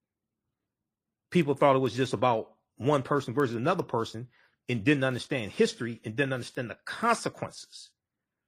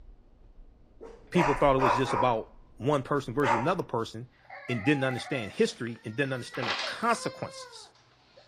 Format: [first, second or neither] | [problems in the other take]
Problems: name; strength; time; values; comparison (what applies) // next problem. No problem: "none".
first | animal sounds; loud; throughout; 3 dB below the speech